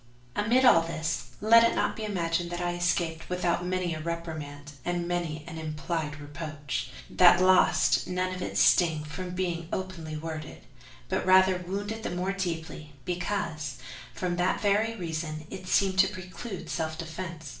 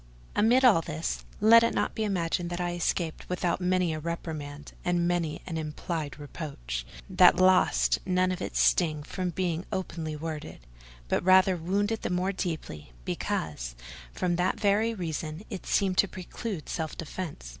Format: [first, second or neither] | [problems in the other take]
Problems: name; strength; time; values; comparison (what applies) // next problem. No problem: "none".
second | room echo; dies away in 0.4 s